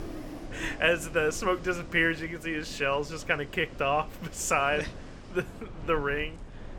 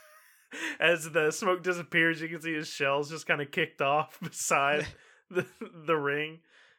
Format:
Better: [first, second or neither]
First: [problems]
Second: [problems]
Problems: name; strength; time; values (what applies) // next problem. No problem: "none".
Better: second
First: wind in the background; noticeable; throughout; 15 dB below the speech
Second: none